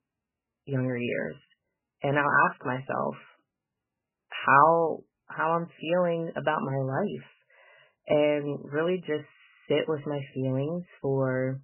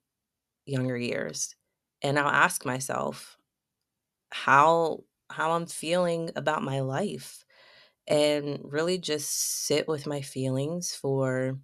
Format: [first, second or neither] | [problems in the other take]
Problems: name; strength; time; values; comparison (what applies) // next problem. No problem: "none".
second | garbled, watery; badly; nothing above 3 kHz